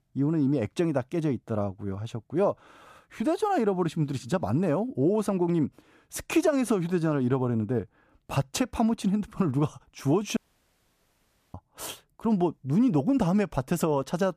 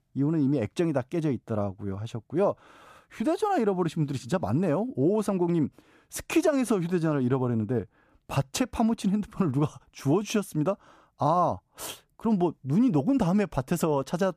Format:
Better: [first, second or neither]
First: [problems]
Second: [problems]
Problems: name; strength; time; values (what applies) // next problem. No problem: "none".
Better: second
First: audio cutting out; at 10 s for 1 s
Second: none